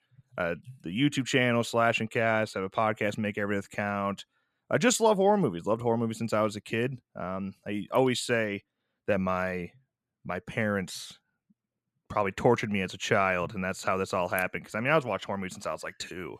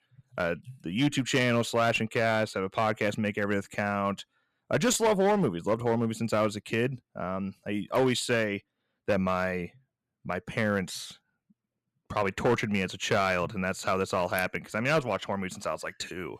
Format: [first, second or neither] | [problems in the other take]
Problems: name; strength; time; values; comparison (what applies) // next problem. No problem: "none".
first | distortion; slight; 4% of the sound clipped